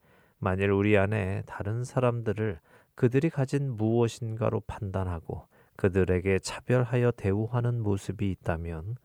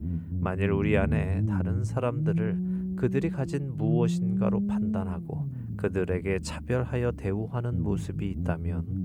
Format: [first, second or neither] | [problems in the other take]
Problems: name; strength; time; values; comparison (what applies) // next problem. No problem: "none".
first | low rumble; loud; throughout; 6 dB below the speech